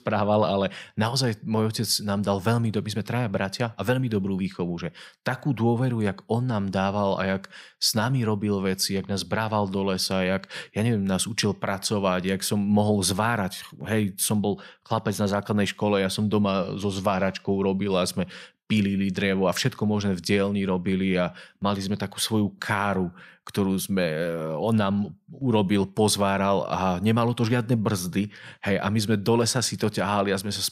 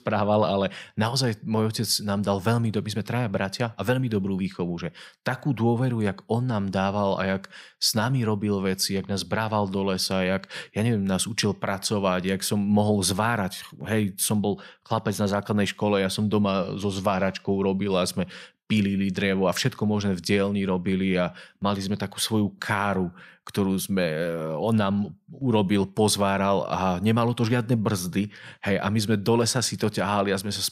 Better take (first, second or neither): neither